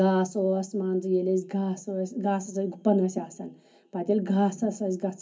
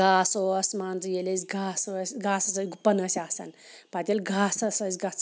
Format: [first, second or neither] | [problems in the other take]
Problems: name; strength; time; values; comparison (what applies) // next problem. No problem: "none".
second | room echo; dies away in 0.3 s